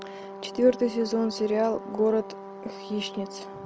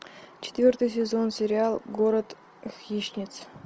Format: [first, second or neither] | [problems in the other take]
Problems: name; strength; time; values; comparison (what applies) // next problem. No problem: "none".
second | background sound (Brass instrument); 13 dB below the speech